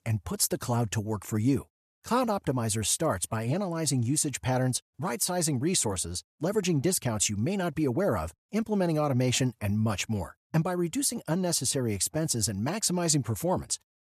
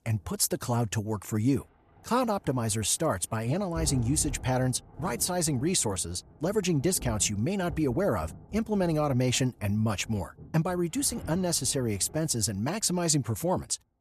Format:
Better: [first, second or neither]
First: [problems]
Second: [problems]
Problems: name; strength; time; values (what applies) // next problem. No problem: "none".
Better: first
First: none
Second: rain or running water; noticeable; throughout; 15 dB below the speech